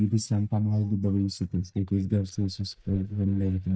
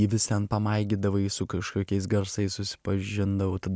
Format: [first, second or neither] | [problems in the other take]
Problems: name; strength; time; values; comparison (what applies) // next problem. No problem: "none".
second | noise reduction (neural mask model DeepFilterNet 3)